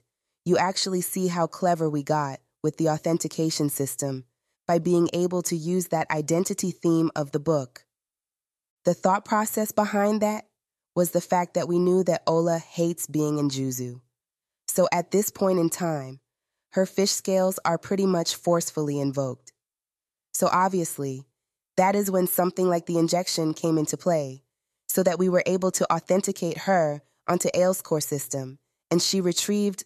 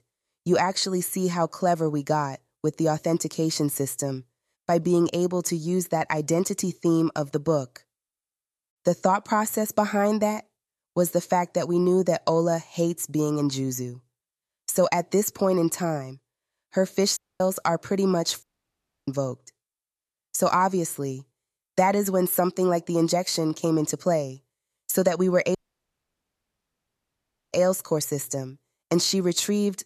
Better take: first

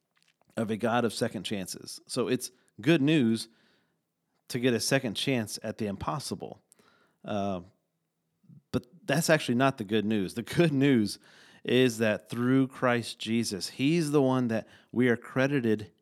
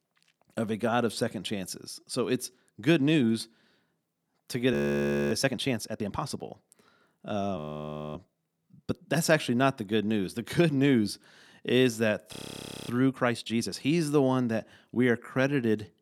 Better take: first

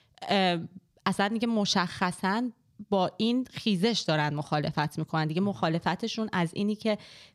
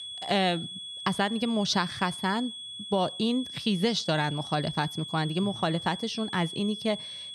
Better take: first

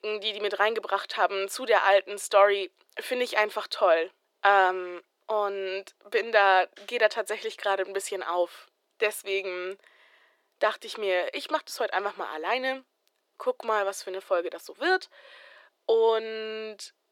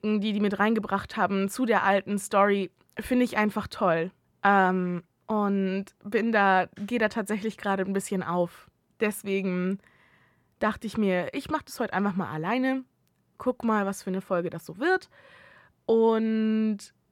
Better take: second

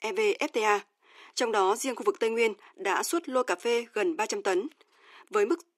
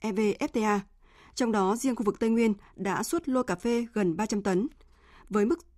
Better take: second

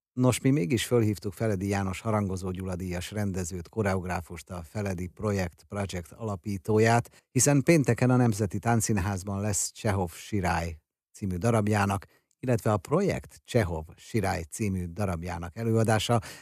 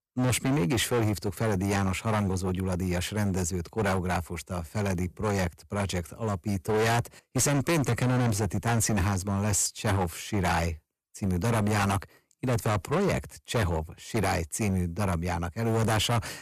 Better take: first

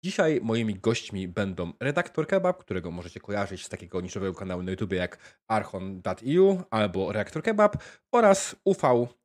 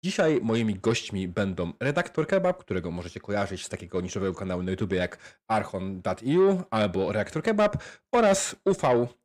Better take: first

